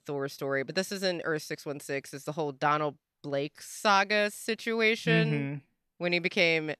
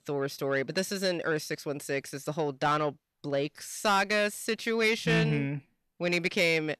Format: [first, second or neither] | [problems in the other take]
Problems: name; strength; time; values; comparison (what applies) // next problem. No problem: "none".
first | distortion; slight; 10 dB below the speech